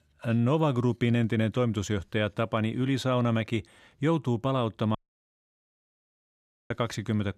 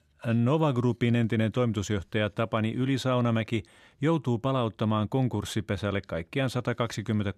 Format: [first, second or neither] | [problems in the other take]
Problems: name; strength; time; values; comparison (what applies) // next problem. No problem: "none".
second | audio cutting out; at 5 s for 2 s